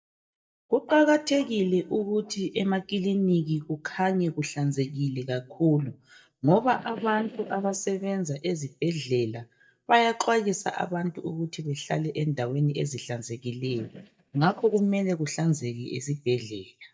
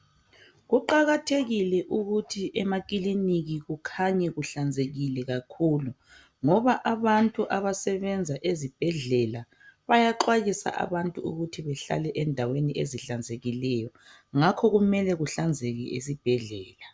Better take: second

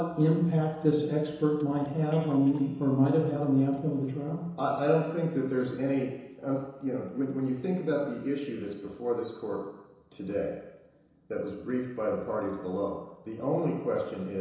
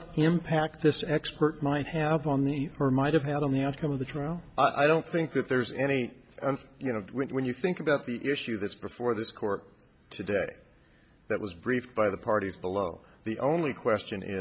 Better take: second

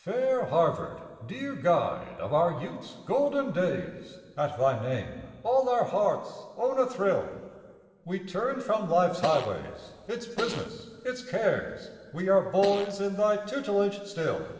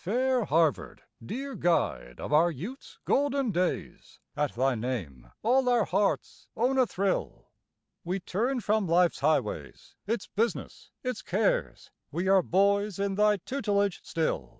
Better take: second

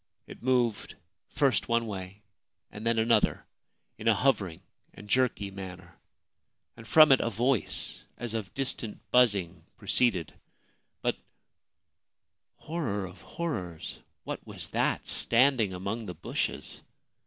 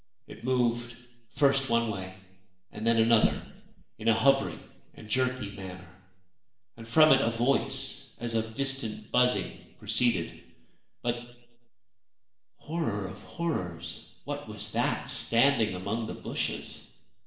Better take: first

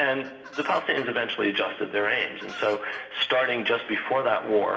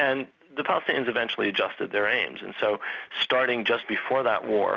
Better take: second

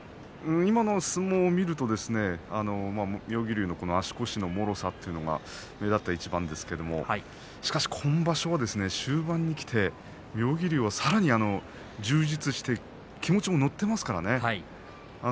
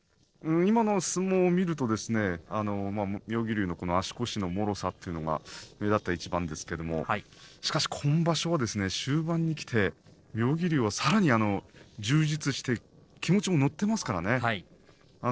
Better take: first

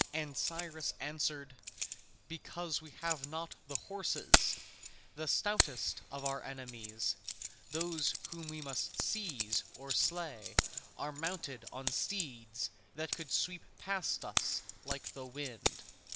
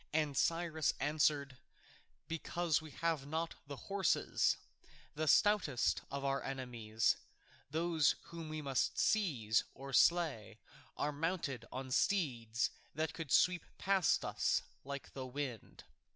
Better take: second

